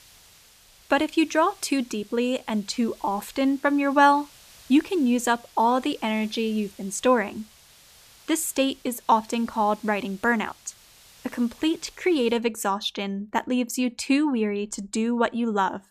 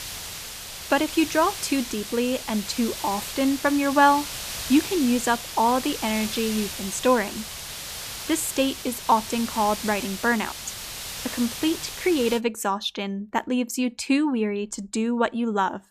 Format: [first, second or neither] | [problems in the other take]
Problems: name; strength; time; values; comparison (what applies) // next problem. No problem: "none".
first | hiss; loud; until 12 s; 8 dB below the speech; faint in the first